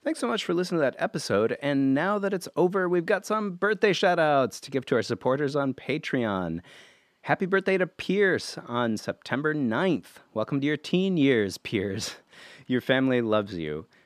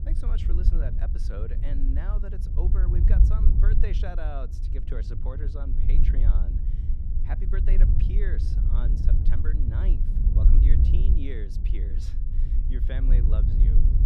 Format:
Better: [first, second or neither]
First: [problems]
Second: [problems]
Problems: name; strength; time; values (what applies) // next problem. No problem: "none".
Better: first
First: none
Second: wind noise on the microphone; heavy; 1 dB below the speech